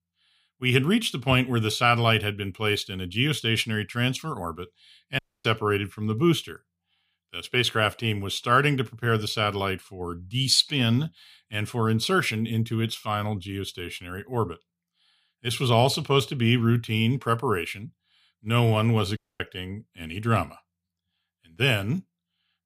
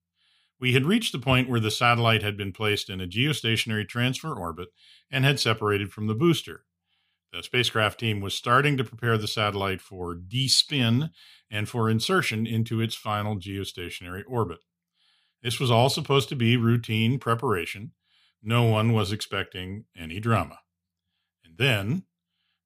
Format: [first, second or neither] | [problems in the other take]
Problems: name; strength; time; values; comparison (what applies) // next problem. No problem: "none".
second | audio cutting out; at 5 s and at 19 s